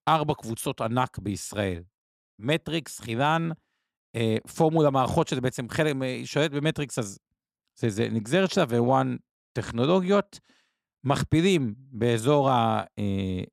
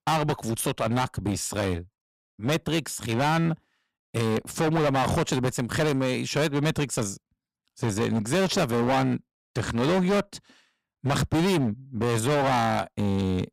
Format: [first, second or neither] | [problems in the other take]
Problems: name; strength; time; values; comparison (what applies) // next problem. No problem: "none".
first | distortion; heavy; 19% of the sound clipped